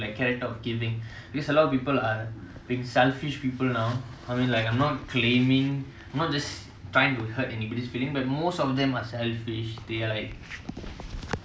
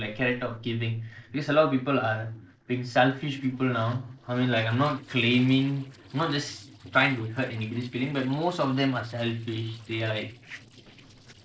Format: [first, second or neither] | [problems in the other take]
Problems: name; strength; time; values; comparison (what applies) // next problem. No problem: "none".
first | noise reduction (neural separator model SepFormer DNS4)